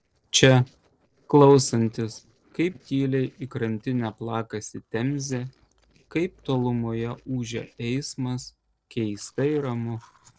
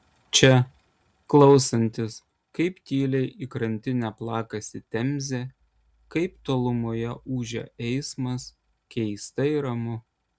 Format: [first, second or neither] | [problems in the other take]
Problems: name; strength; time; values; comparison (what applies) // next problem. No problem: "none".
second | noise reduction (neural separator model SepFormer DNS4)